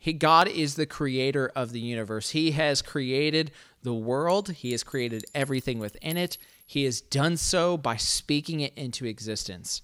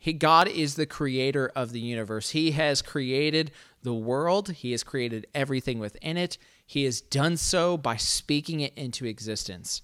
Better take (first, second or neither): second